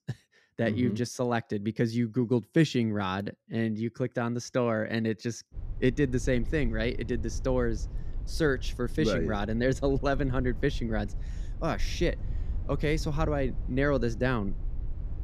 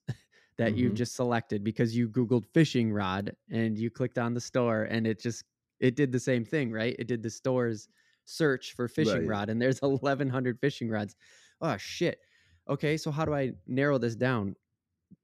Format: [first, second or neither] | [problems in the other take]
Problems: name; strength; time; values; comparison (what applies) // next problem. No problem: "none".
second | low rumble; faint; from 5.5 s on; 25 dB below the speech